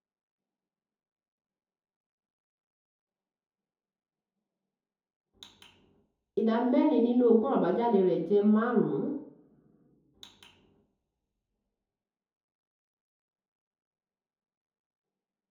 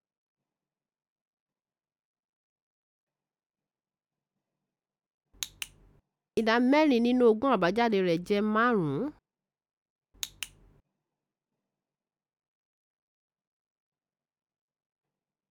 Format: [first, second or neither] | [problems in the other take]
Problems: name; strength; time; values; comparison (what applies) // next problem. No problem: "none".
second | room echo; dies away in 2.6 s